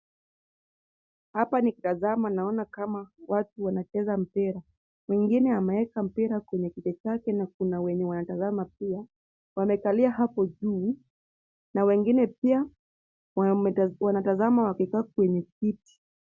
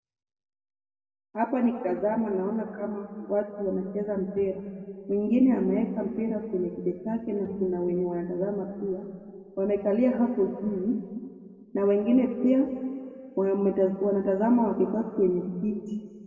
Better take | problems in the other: first | background sound (Bowed string instrument); 18 dB below the speech // room echo; dies away in 2.1 s

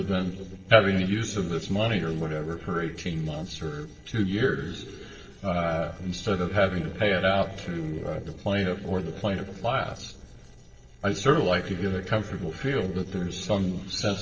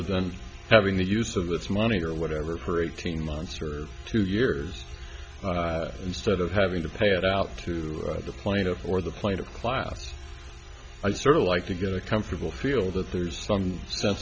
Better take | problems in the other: second | noise reduction (neural separator model SepFormer DNS4)

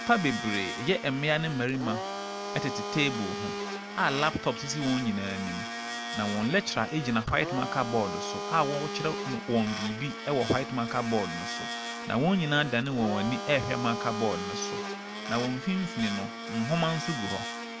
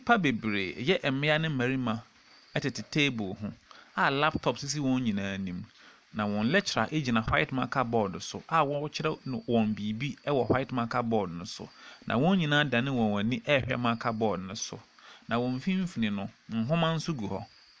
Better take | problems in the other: second | background sound (Domestic sounds, home sounds); 6 dB below the speech

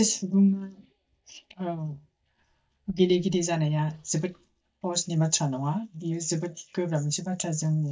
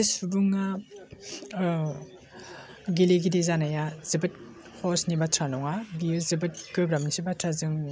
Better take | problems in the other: second | noise reduction (neural mask model DeepFilterNet 3)

